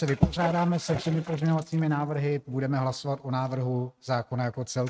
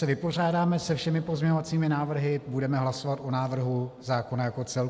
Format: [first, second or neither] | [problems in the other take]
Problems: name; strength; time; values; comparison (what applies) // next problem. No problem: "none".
second | noise reduction (neural mask model RNNoise)